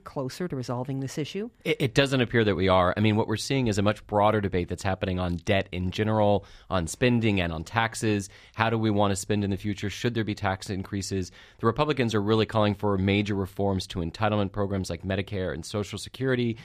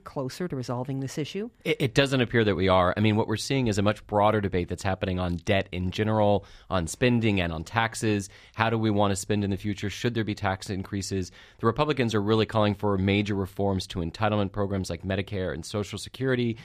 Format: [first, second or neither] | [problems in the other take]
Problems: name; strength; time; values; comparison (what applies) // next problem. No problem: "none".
neither | none